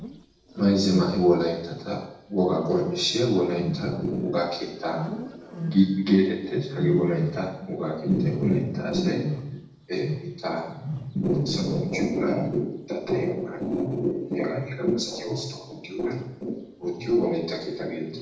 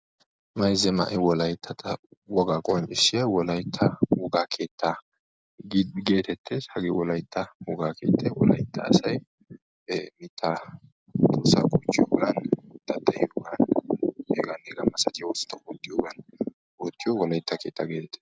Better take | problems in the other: second | noise reduction (neural separator model SepFormer DNS4)

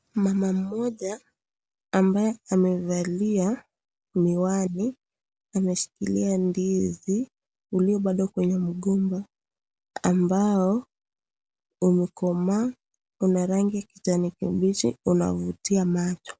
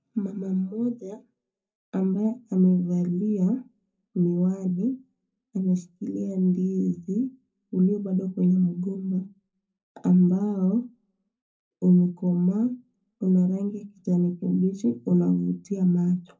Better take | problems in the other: first | room echo; dies away in 0.3 s

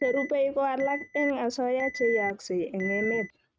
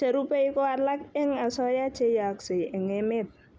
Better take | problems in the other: second | noise reduction (neural mask model RNNoise)

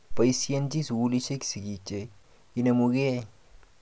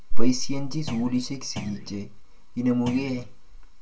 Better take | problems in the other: first | background sound (Thump, thud); 19 dB below the speech // room echo; dies away in 0.2 s

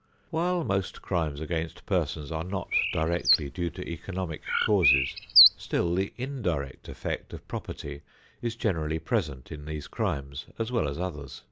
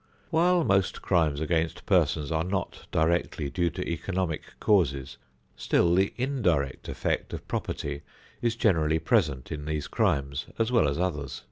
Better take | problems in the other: second | background sound (Bird); 2 dB above the speech

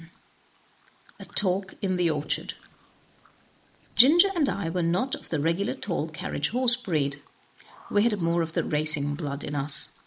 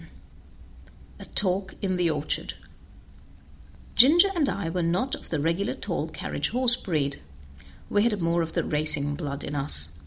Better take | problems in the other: second | noise reduction (neural mask model Resemble Enhance denoiser)

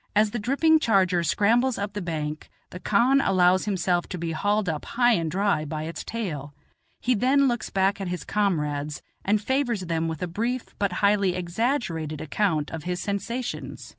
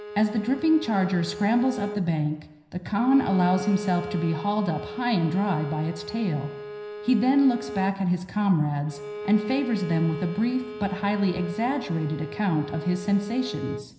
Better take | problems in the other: first | background sound (Bowed string instrument); 11 dB below the speech // room echo; dies away in 0.9 s

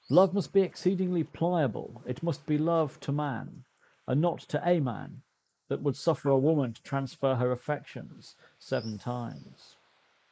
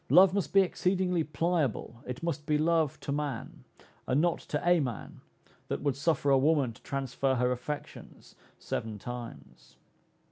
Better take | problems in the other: second | noise reduction (neural mask model Resemble Enhance denoiser)

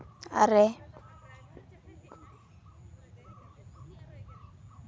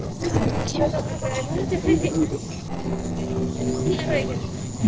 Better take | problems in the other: first | noise reduction (neural separator model SepFormer DNS4)

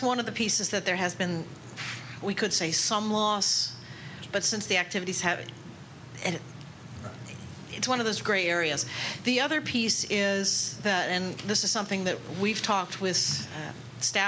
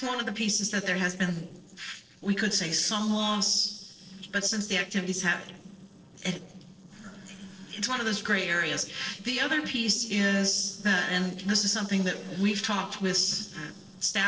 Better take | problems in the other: first | noise reduction (neural separator model SepFormer DNS4)

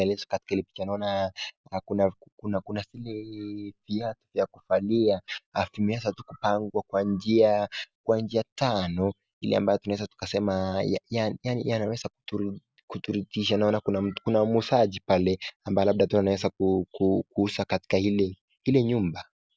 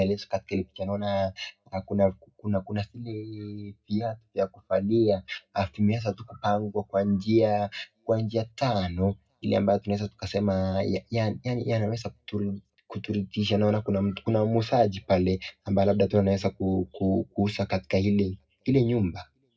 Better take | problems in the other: first | room echo; dies away in 0.2 s

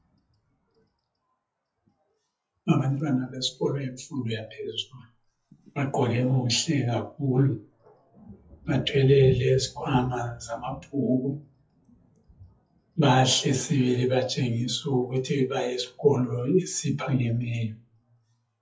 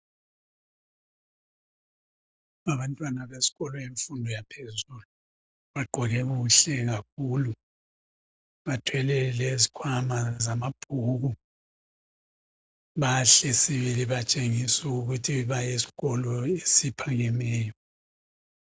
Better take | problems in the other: second | noise reduction (classical method WPE with log-MMSE)

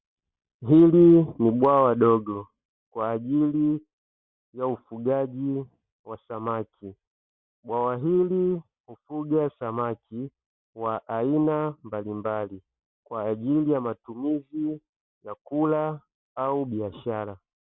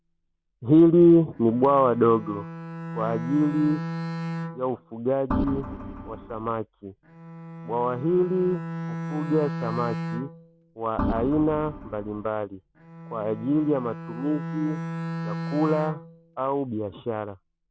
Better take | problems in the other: first | background sound (Organ + Bowed string instrument); 9 dB below the speech

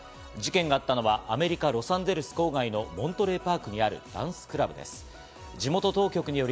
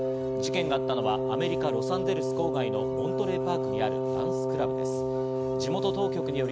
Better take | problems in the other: first | background sound (Wind instrument, woodwind instrument); 4 dB above the speech

